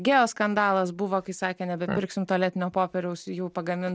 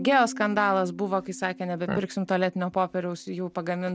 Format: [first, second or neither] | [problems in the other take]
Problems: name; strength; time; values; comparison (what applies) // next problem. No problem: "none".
first | background sound (Piano); 16 dB below the speech